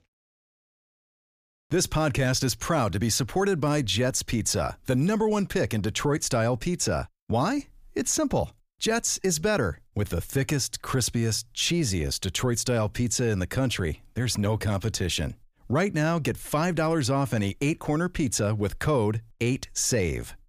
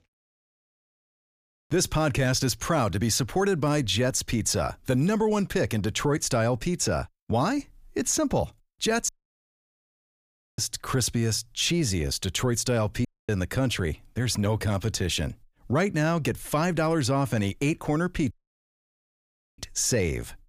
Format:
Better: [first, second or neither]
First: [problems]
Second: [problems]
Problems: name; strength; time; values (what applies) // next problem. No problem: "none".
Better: first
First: none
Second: audio cutting out; at 9 s for 1.5 s, at 13 s and at 18 s for 1.5 s